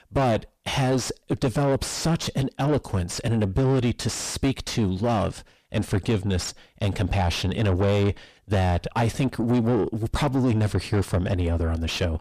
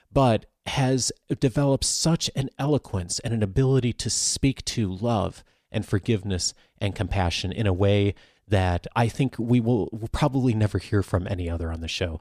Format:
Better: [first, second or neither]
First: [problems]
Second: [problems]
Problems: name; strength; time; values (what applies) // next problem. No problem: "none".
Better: second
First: distortion; heavy; 6 dB below the speech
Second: none